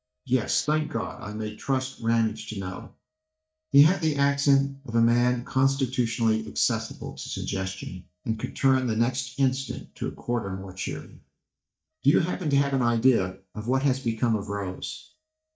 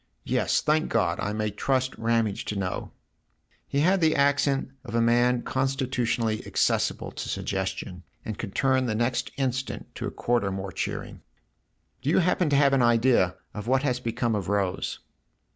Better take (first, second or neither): second